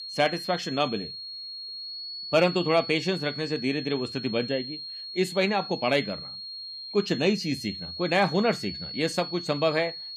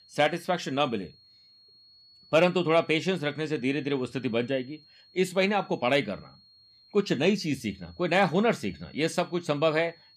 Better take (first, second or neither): second